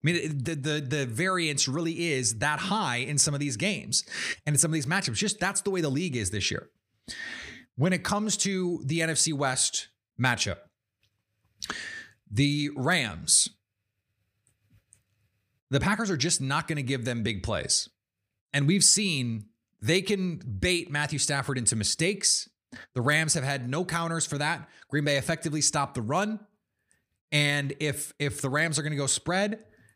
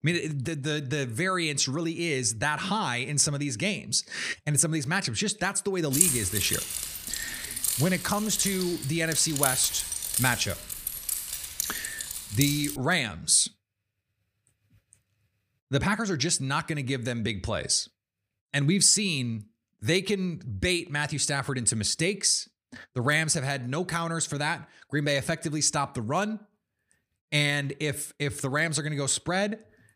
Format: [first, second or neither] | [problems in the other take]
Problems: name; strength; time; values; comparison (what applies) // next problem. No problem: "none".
first | jangling keys; loud; from 6 to 13 s; peak 5 dB above the speech